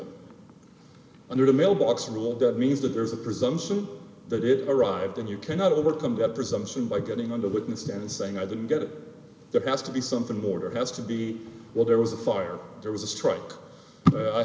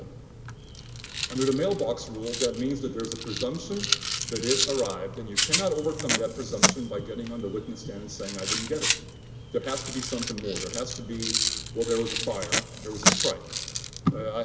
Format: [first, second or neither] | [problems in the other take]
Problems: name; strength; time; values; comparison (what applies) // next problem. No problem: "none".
first | background sound (Rattle + Packing tape, duct tape); 1 dB above the speech